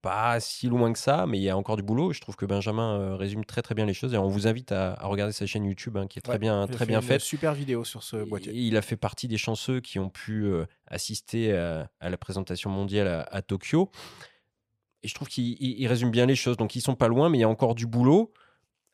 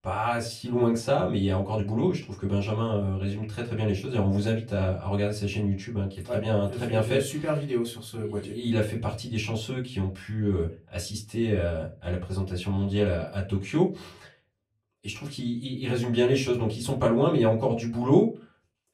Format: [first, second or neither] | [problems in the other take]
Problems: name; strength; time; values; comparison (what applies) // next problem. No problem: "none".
first | off-mic speech; far // room echo; very slight; dies away in 0.2 s